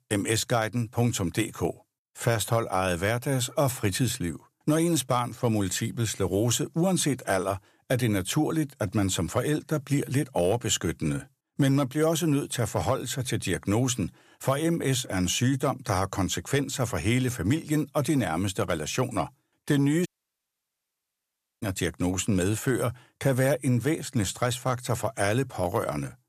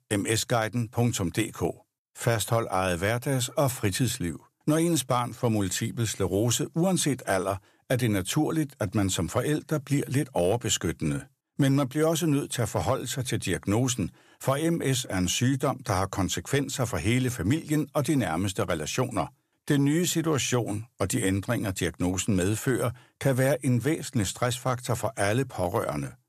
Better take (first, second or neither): second